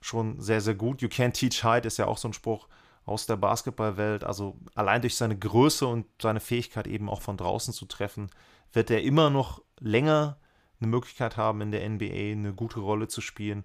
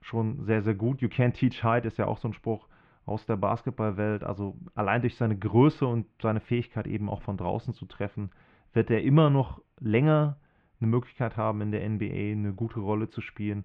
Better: first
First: none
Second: muffled; very; fading above 2.5 kHz

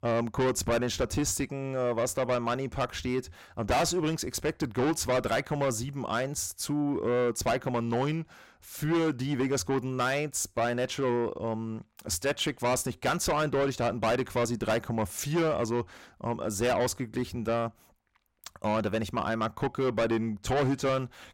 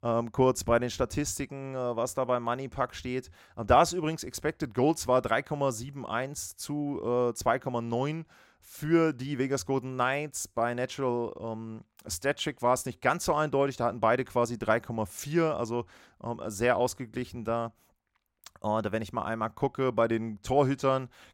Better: second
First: distortion; heavy; 6 dB below the speech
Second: none

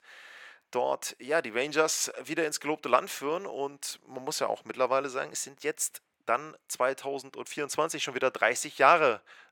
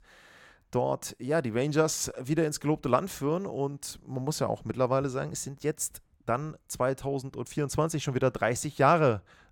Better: second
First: thin; somewhat; fading below 450 Hz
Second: none

